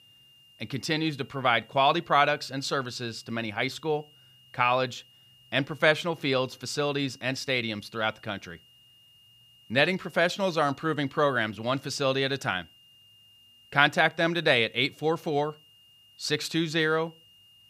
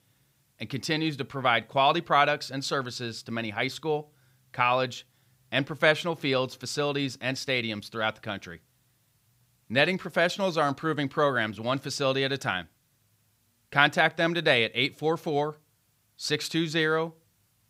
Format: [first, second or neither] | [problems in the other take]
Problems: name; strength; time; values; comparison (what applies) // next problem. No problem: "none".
second | high-pitched whine; faint; throughout; 3 kHz, 30 dB below the speech